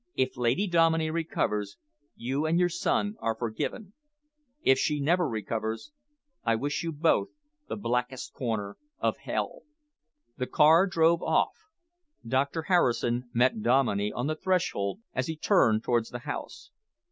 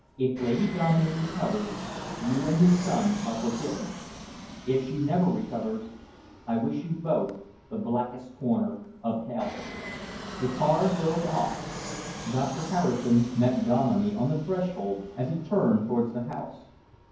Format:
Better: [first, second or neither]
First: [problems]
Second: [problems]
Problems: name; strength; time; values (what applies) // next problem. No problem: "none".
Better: first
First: none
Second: background sound (Fixed-wing aircraft, airplane); 12 dB below the speech // room echo; dies away in 0.9 s